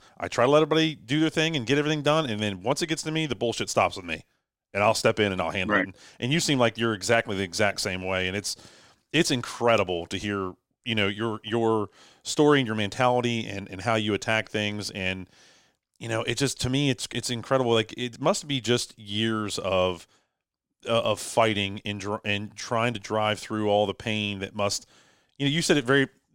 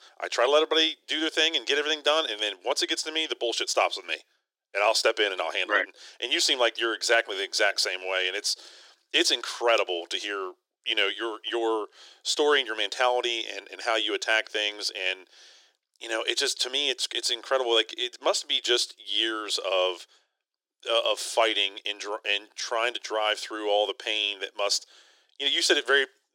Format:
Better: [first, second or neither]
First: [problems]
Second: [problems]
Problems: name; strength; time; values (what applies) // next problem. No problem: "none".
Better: first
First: none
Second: thin; very; fading below 350 Hz